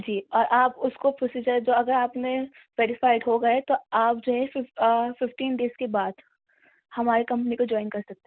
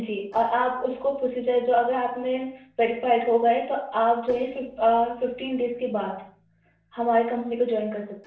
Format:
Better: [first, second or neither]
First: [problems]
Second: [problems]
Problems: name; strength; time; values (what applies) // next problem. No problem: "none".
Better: first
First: none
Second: noise reduction (neural separator model SepFormer DNS4)